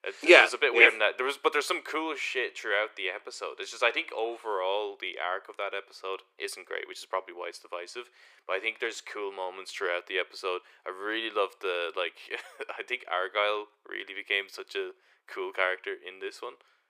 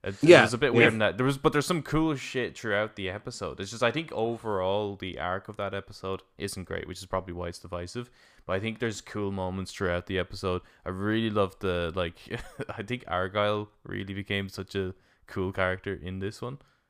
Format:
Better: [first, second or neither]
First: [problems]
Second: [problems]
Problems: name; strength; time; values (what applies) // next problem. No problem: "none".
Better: second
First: thin; very; fading below 350 Hz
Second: none